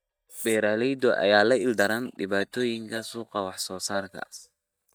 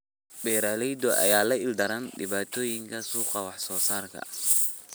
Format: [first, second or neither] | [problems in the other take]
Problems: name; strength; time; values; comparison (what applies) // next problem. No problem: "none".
second | noise reduction (neural mask model DeepFilterNet 3)